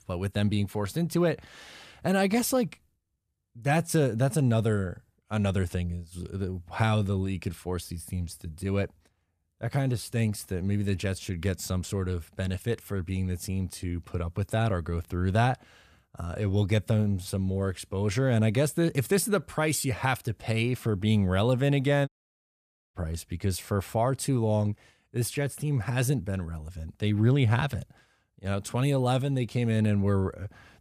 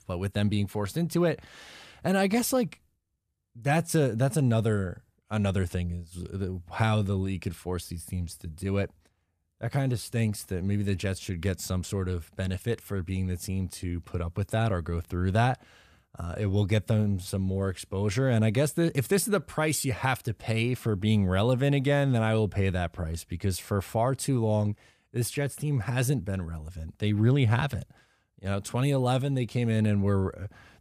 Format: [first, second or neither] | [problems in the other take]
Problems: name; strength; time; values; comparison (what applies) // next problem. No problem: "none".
second | audio cutting out; at 22 s for 1 s